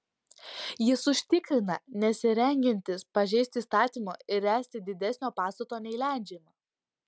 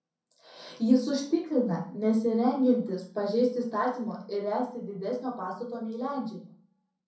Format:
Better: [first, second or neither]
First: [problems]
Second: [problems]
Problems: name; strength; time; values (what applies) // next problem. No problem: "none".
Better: first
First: none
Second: room echo; dies away in 0.5 s